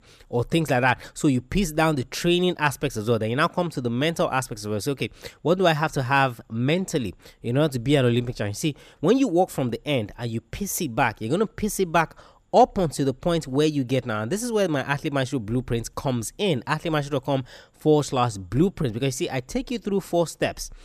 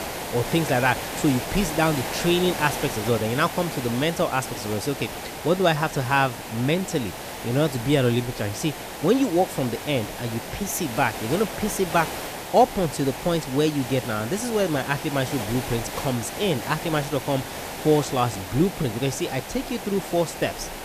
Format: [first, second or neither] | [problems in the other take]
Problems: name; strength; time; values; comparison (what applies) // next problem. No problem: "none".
first | hiss; loud; throughout; 8 dB below the speech